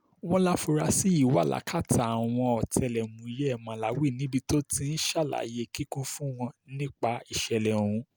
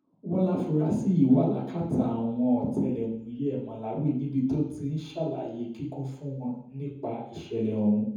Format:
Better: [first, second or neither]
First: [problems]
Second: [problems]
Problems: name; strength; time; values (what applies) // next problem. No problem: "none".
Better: first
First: none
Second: room echo; dies away in 0.9 s